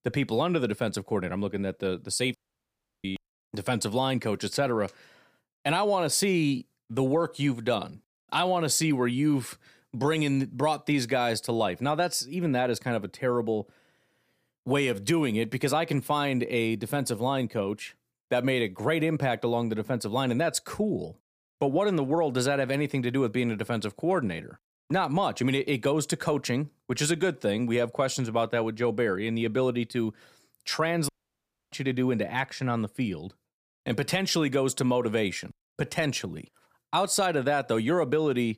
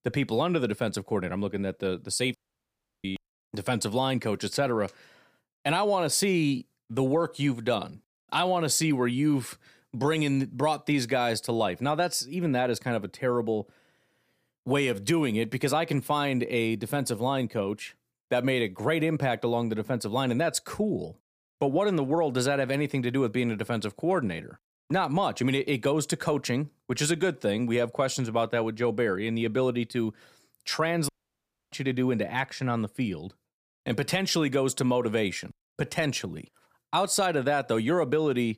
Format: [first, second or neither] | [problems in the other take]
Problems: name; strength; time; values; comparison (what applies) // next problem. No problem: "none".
neither | audio cutting out; at 2.5 s for 0.5 s and at 31 s for 0.5 s; the same in both